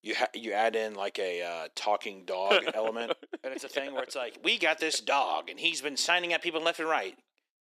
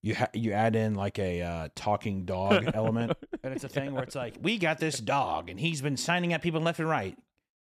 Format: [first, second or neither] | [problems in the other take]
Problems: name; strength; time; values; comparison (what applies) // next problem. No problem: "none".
second | thin; very; fading below 350 Hz